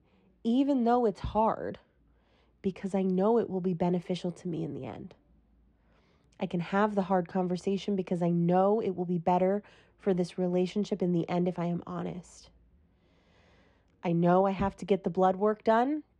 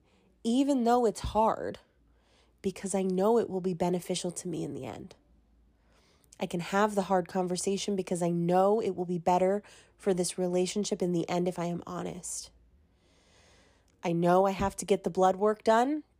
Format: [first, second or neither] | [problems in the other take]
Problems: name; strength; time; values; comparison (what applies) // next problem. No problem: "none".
second | muffled; slightly; fading above 3 kHz